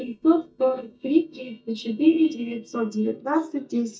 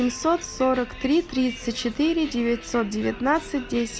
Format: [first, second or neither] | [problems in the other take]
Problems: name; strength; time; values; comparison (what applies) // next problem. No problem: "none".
second | noise reduction (neural mask model DeepFilterNet 3)